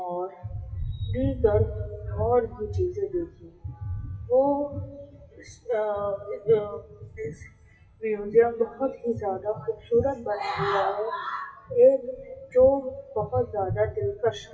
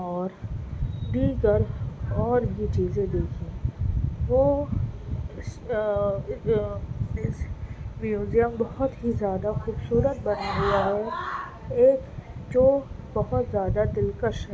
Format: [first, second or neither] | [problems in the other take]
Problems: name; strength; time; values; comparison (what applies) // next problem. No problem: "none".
second | noise reduction (classical method WPE with log-MMSE)